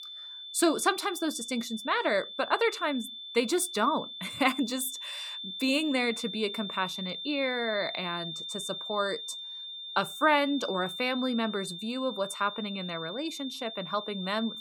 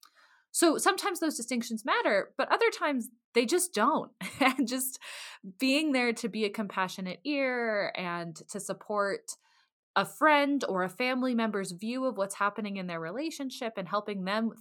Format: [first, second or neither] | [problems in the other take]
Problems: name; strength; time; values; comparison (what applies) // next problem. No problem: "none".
second | high-pitched whine; loud; throughout; 3.5 kHz, 7 dB below the speech